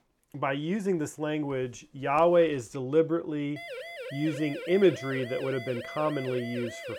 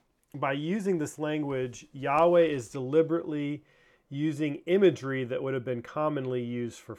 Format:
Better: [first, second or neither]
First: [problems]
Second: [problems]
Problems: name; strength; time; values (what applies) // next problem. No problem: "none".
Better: second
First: siren; faint; from 3.5 s on; peak 10 dB below the speech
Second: none